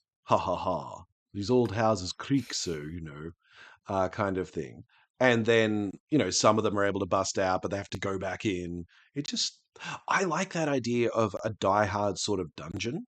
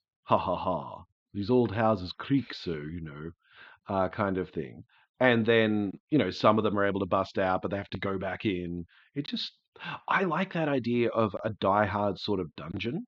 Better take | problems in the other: first | muffled; slightly; fading above 4 kHz

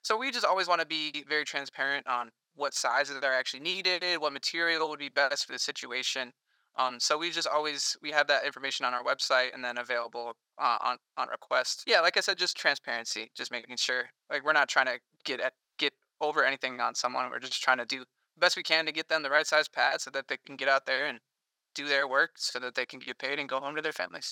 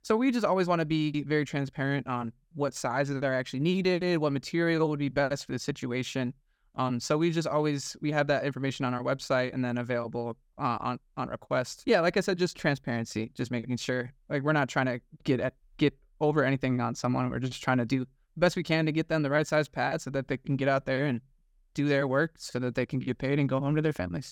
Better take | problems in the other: second | thin; very; fading below 800 Hz

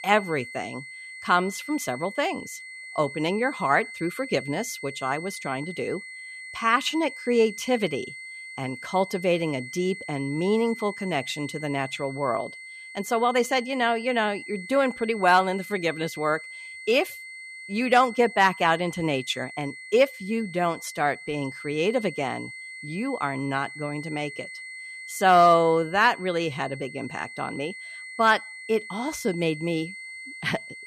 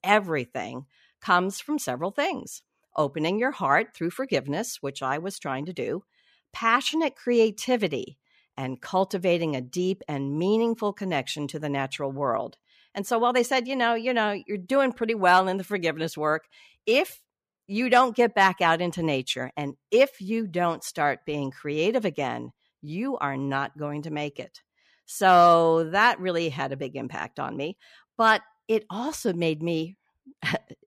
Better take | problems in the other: second | high-pitched whine; noticeable; throughout; 2 kHz, 15 dB below the speech

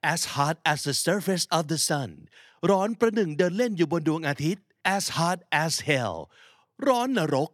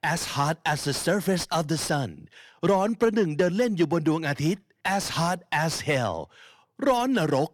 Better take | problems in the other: first | distortion; slight; 10 dB below the speech

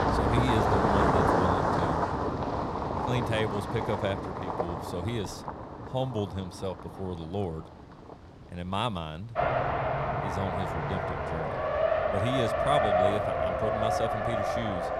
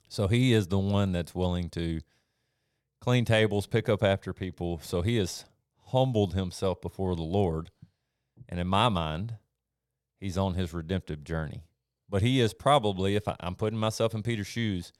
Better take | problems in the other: second | traffic noise; very loud; throughout; 5 dB above the speech

